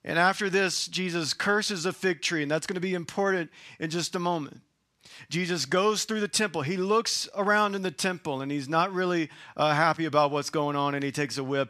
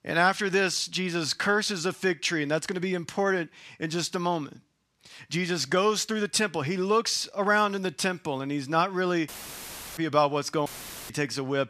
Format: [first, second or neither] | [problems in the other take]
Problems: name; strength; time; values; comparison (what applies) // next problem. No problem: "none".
first | audio cutting out; filled with static; at 9.5 s for 0.5 s and at 11 s